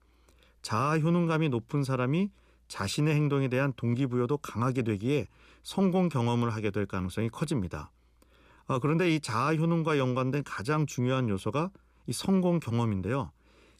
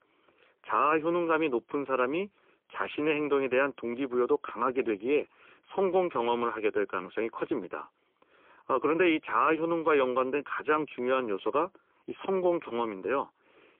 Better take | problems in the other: first | phone-call audio; poor line; nothing above 3.5 kHz

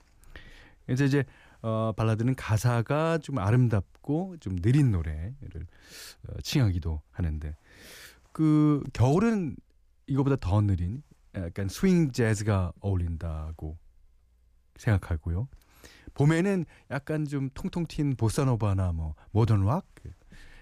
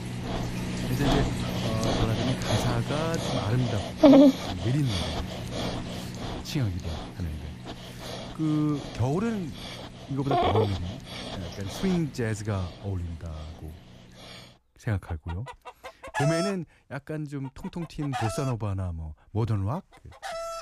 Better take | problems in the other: first | animal sounds; very loud; throughout; 3 dB above the speech

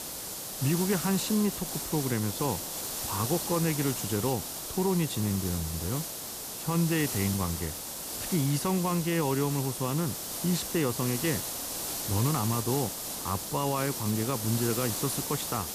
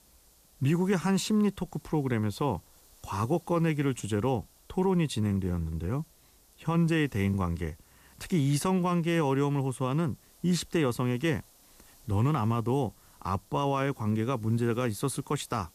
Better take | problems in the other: second | hiss; loud; throughout; 3 dB below the speech; faint in the second

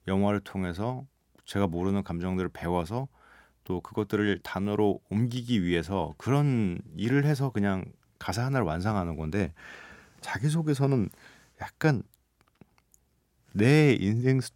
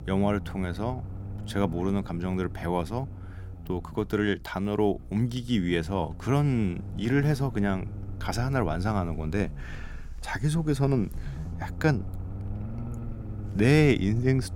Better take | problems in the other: first | low rumble; noticeable; throughout; 20 dB below the speech

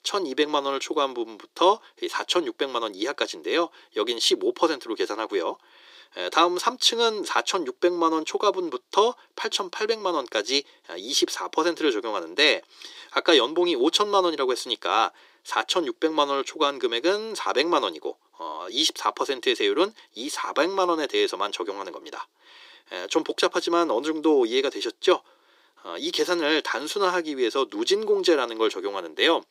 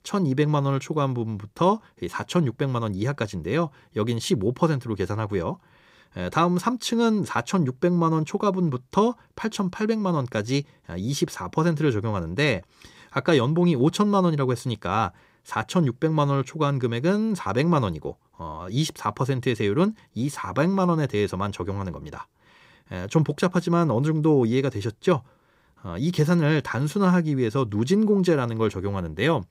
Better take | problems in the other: second | thin; very; fading below 350 Hz

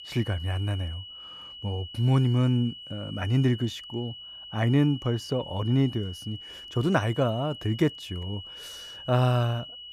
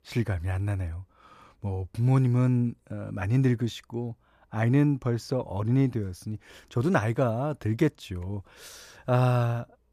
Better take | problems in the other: second | high-pitched whine; noticeable; throughout; 3 kHz, 15 dB below the speech

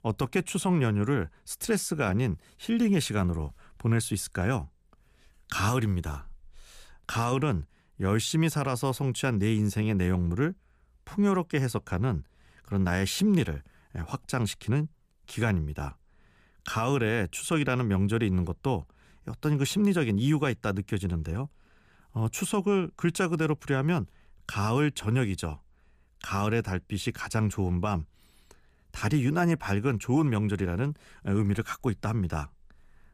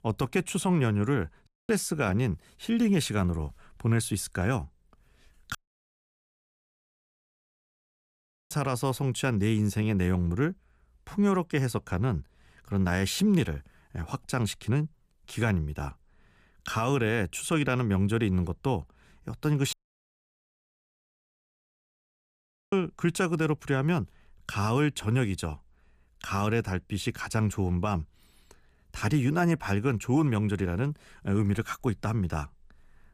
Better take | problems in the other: first | audio cutting out; at 1.5 s, at 5.5 s for 3 s and at 20 s for 3 s

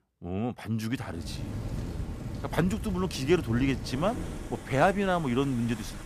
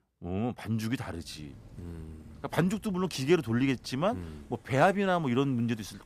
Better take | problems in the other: second | rain or running water; loud; from 1 s on; 10 dB below the speech; faint in the second

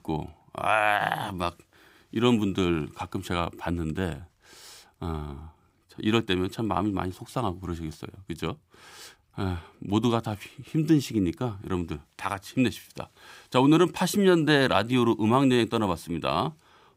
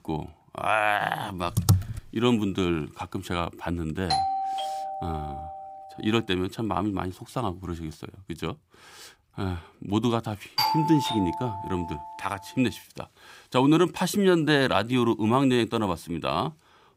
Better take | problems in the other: first | keyboard typing; loud; at 1.5 s; peak 3 dB above the speech // doorbell; loud; from 4 to 5.5 s and from 11 to 12 s; peak 2 dB above the speech

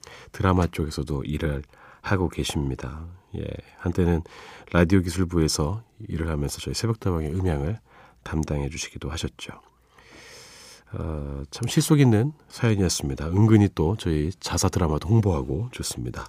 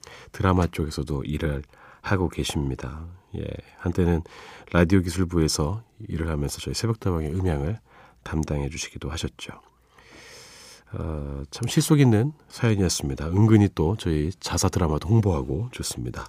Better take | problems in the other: neither | none

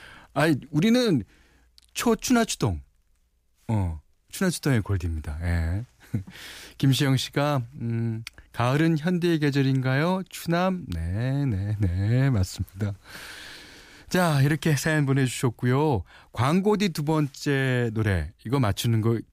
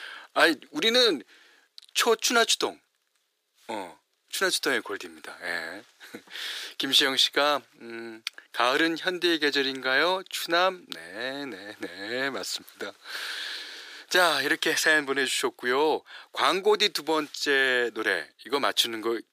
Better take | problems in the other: first | thin; very; fading below 400 Hz

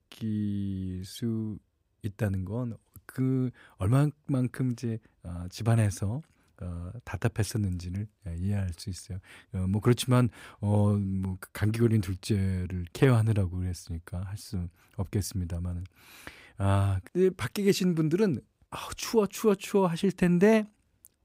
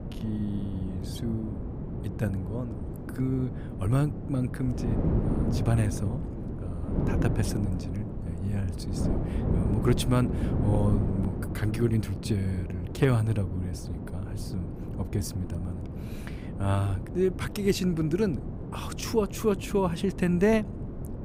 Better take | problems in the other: first | wind noise on the microphone; heavy; 7 dB below the speech

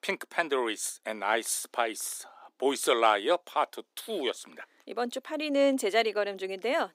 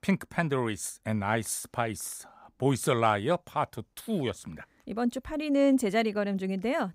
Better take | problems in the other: second | thin; somewhat; fading below 300 Hz

